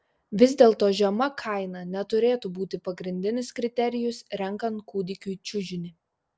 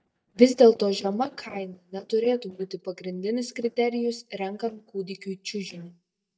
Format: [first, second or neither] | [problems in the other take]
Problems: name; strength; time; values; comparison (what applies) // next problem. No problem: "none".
first | noise reduction (neural mask model DeepFilterNet 3)